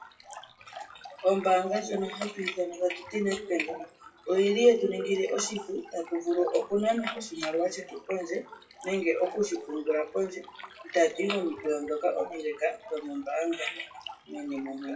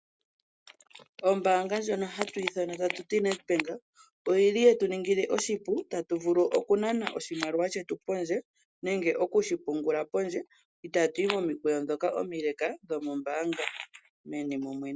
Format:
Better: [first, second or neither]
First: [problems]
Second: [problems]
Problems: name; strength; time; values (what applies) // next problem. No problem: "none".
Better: second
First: noise reduction (classical method WPE with log-MMSE)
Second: none